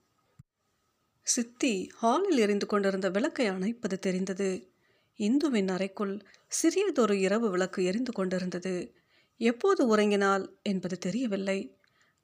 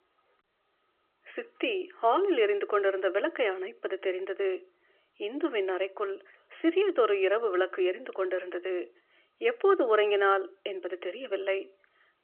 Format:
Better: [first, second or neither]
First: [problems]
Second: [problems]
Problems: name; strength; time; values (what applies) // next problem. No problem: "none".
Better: first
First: none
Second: phone-call audio